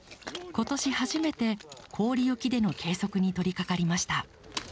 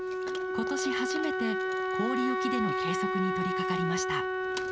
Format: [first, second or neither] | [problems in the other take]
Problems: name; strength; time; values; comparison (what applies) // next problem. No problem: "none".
first | background sound (Wind instrument, woodwind instrument); 4 dB above the speech